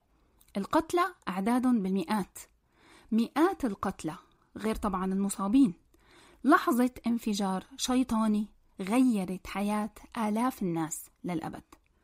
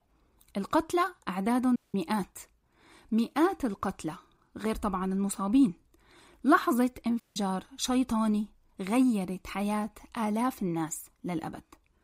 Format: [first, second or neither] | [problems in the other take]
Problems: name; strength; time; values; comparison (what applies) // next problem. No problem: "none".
first | audio cutting out; at 2 s and at 7 s